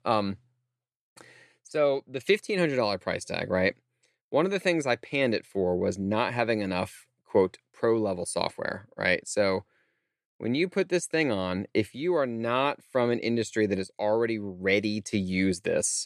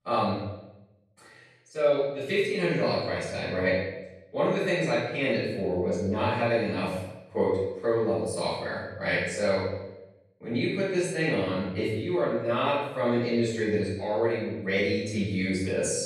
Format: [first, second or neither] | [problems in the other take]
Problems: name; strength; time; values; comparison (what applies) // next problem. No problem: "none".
first | off-mic speech; far // room echo; strong; dies away in 0.9 s